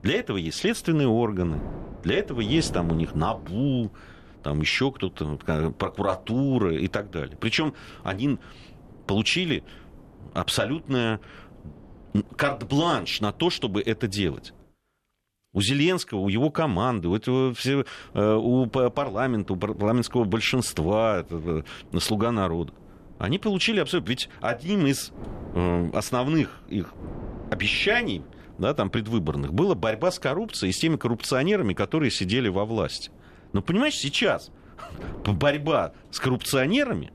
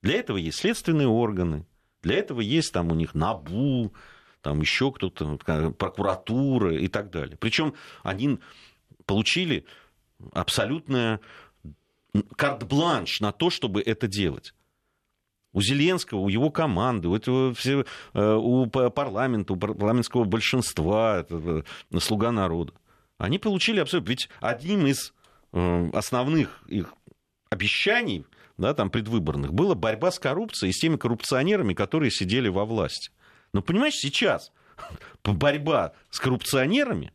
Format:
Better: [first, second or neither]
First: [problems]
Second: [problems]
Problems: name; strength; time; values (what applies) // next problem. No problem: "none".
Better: second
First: wind noise on the microphone; occasional gusts; until 15 s and from 18 s on; 25 dB below the speech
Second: none